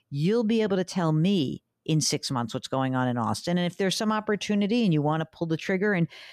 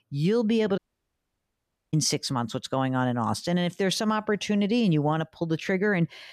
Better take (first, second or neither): first